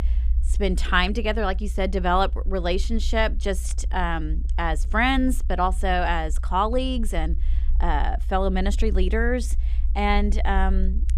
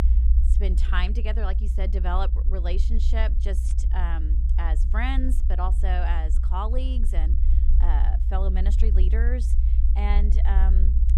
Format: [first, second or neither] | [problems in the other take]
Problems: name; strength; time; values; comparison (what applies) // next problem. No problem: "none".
first | low rumble; loud; throughout; 10 dB below the speech; faint in the first